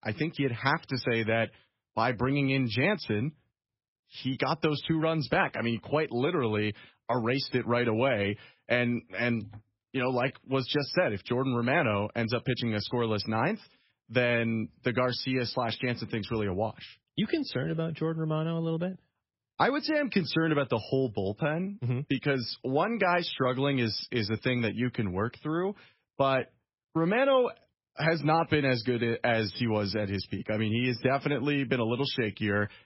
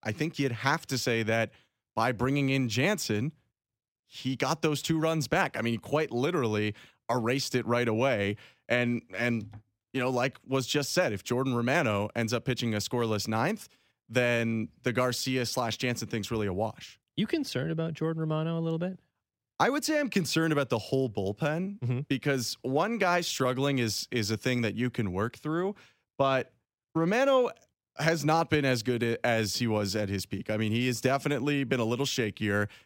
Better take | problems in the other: second | garbled, watery; badly; nothing above 5.5 kHz

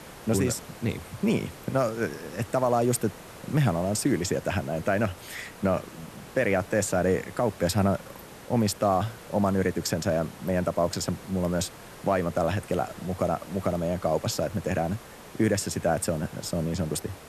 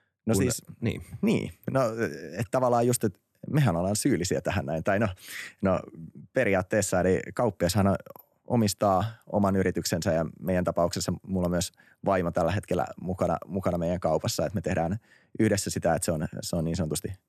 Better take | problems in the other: second | hiss; noticeable; throughout; 15 dB below the speech

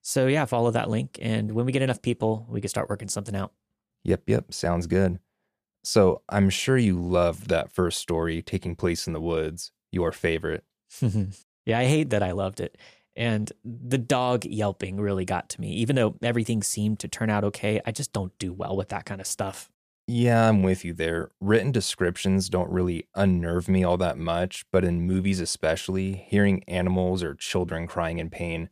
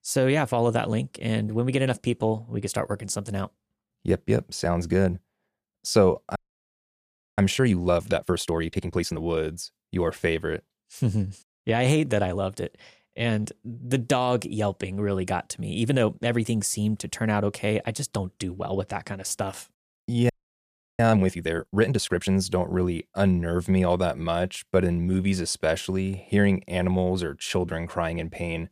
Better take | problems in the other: first | audio freezing; at 6.5 s for 1 s and at 20 s for 0.5 s

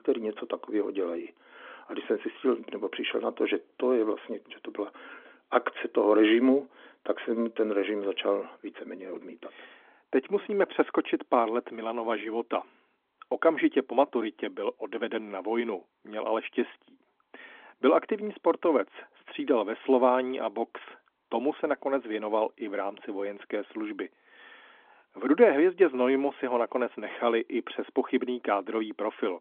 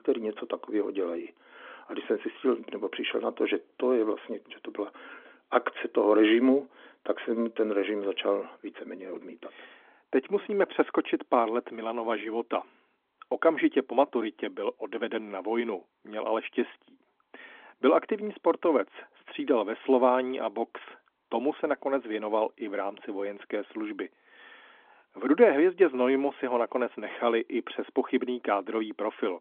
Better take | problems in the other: neither | phone-call audio; nothing above 3.5 kHz; the same in both

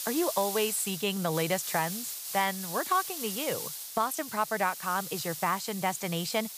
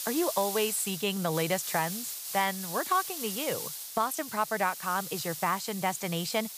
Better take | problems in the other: neither | hiss; loud; throughout; 5 dB below the speech; the same in both

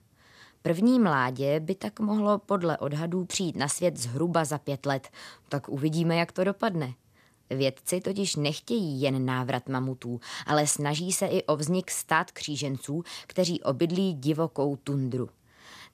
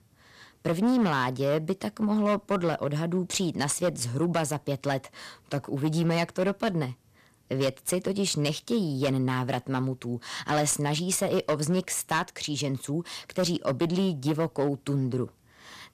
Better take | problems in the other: first | distortion; slight; 7% of the sound clipped

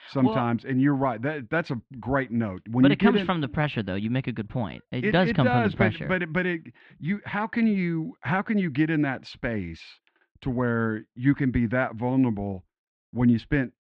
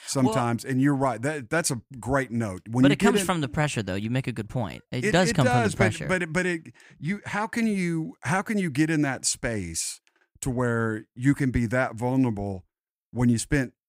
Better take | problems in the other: second | muffled; very; fading above 3.5 kHz

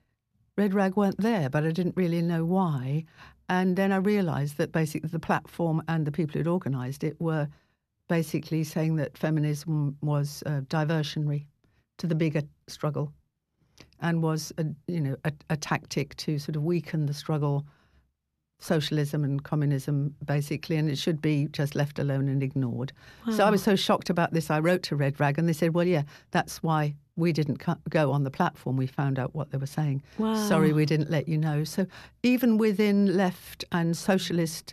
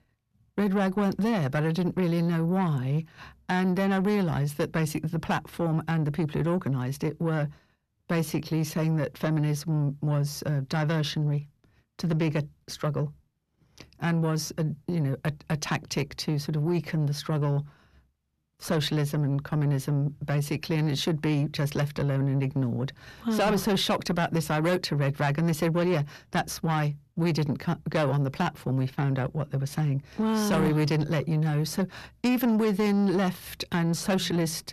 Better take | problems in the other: first | distortion; slight; 10 dB below the speech

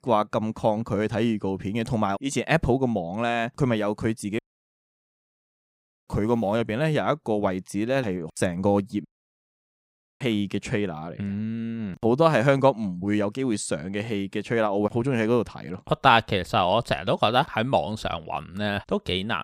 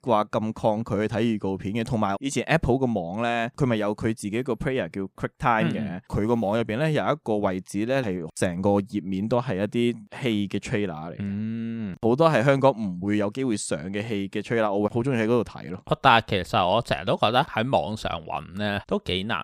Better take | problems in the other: second | audio cutting out; at 4.5 s for 1.5 s and at 9 s for 1 s

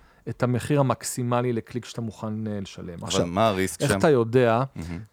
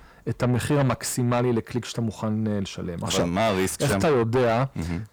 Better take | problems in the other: first | distortion; heavy; 6 dB below the speech

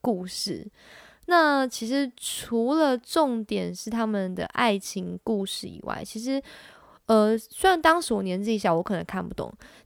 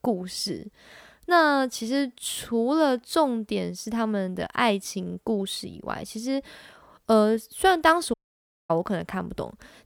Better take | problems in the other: first | audio cutting out; at 8 s for 0.5 s

